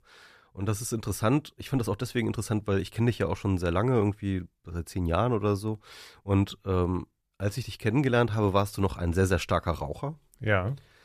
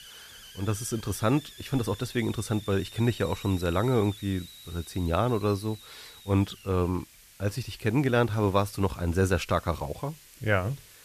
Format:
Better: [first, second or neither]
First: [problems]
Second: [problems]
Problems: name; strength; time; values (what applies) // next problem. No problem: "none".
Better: first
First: none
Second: hiss; noticeable; throughout; 20 dB below the speech